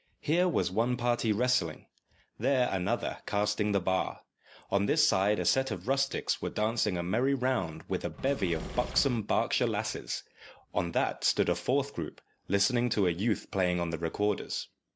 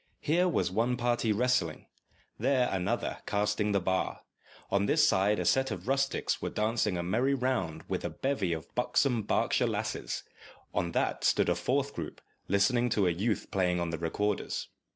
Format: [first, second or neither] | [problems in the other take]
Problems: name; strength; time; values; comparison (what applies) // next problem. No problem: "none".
second | background sound (Engine / Mechanisms); 9 dB below the speech